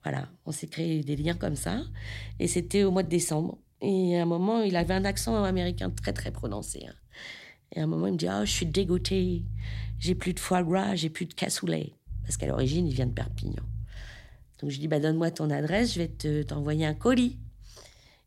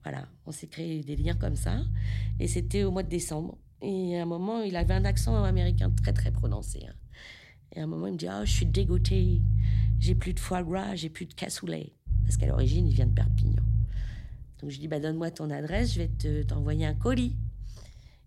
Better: first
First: low rumble; faint; throughout; 25 dB below the speech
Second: low rumble; loud; throughout; 7 dB below the speech

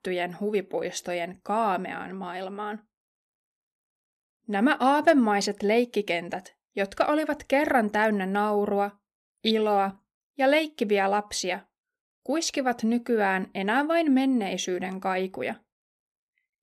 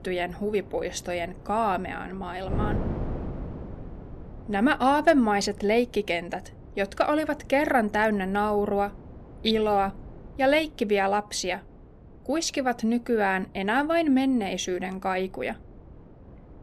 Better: first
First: none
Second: wind noise on the microphone; occasional gusts; 20 dB below the speech

